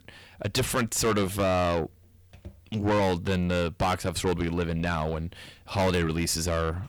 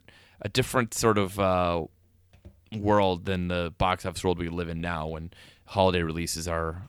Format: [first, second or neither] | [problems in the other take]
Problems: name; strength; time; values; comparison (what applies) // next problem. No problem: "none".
second | distortion; heavy; 6 dB below the speech